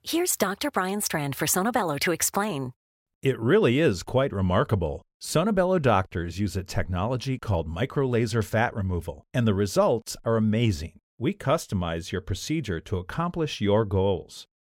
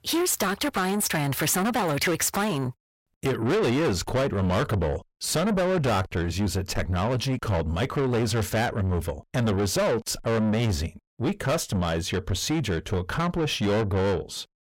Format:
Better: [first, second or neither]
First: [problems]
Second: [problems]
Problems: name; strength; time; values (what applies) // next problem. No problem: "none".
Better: first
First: none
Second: distortion; heavy; 7 dB below the speech